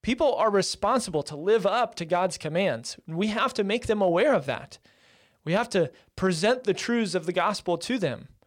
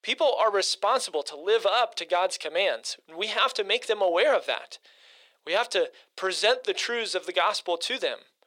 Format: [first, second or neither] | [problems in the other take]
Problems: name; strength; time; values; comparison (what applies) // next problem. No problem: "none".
first | thin; very; fading below 400 Hz